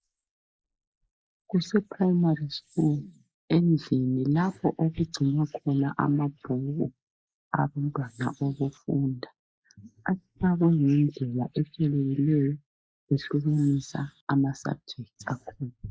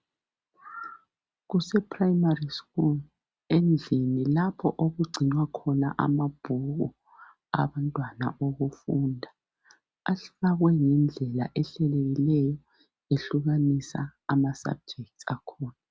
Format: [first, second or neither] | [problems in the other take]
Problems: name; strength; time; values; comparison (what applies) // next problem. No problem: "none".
second | noise reduction (neural mask model Resemble Enhance denoiser)